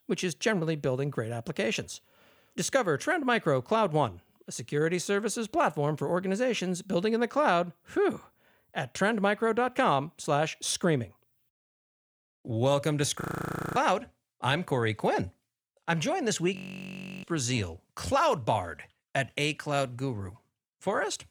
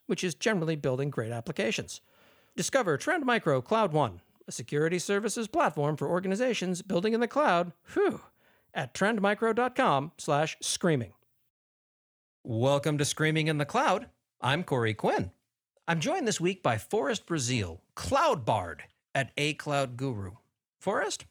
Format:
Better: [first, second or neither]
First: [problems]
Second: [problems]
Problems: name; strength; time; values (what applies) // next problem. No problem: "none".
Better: second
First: audio freezing; at 13 s for 0.5 s and at 17 s for 0.5 s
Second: none